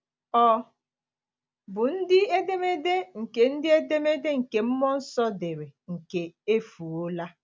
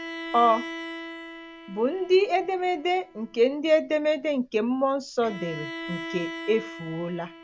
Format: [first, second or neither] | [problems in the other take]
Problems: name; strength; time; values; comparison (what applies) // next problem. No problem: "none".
first | background sound (Bowed string instrument); 13 dB below the speech